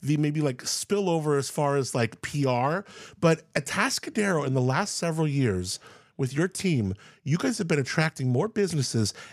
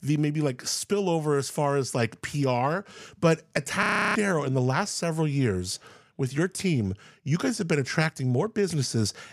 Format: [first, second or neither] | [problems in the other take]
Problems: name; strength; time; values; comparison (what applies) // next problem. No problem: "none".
first | audio freezing; at 4 s